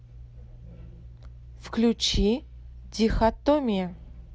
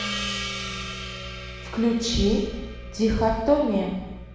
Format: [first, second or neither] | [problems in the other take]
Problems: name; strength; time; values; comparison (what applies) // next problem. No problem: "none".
first | background sound (Gong); 10 dB below the speech // room echo; dies away in 1.1 s